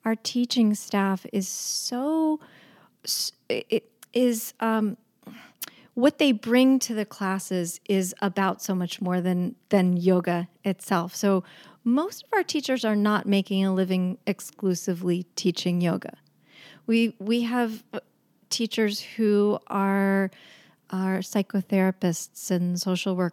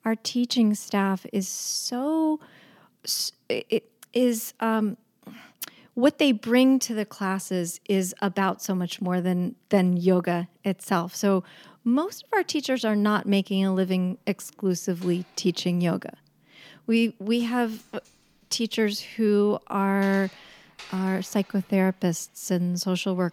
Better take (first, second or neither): first